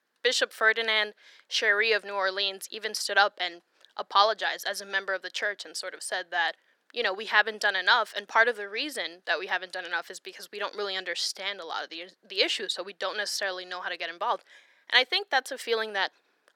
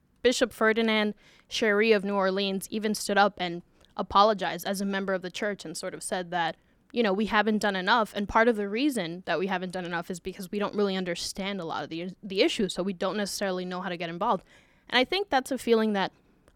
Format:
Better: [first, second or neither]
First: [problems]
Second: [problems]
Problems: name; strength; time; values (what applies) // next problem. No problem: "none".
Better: second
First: thin; very; fading below 450 Hz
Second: none